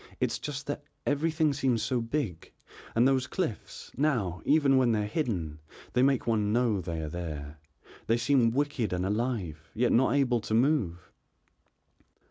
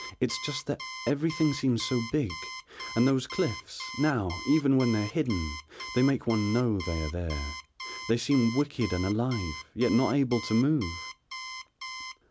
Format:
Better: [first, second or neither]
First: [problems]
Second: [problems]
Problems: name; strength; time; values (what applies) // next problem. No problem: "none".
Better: first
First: none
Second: background sound (Alarm); 12 dB below the speech